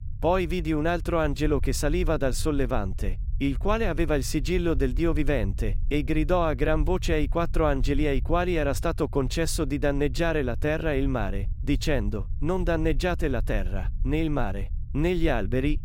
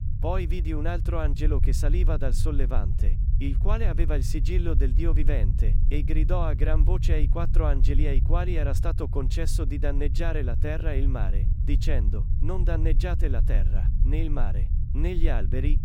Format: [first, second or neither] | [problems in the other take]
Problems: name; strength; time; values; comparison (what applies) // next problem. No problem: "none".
first | low rumble; loud; throughout; 10 dB below the speech; faint in the first